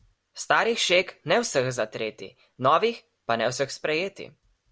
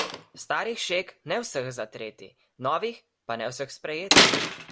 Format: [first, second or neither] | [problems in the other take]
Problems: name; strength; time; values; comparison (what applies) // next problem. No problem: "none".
first | background sound (Slam); 3 dB above the speech